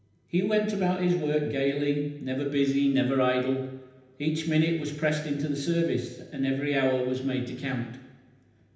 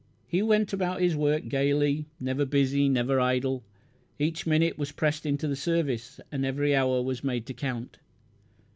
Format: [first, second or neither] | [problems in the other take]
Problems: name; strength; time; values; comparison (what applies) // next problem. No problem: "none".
second | room echo; dies away in 0.9 s